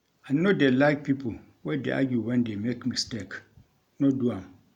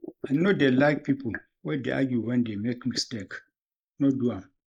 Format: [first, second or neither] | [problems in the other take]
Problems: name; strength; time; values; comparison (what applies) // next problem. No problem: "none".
first | noise reduction (neural mask model Resemble Enhance denoiser)